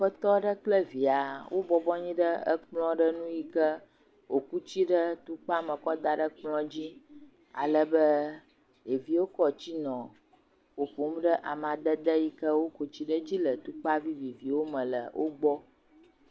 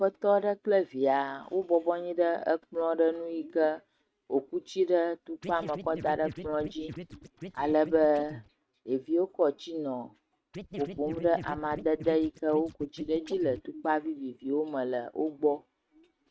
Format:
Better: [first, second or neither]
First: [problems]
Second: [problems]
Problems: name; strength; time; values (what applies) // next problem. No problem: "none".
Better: first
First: none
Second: noise reduction (neural mask model RNNoise)